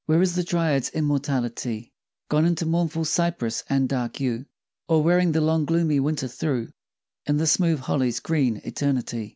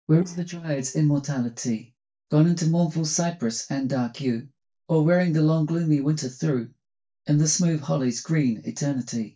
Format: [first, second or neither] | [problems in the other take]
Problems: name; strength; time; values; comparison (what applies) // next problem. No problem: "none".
first | noise reduction (neural mask model DeepFilterNet 3)